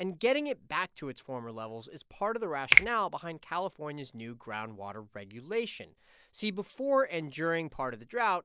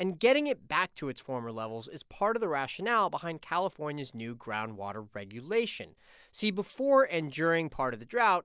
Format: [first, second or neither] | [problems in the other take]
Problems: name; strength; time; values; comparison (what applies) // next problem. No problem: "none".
second | background sound (Finger snapping); 4 dB above the speech